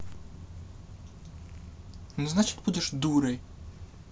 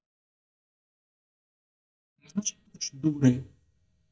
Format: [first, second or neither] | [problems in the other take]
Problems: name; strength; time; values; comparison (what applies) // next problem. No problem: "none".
first | noise reduction (neural mask model DeepFilterNet 3)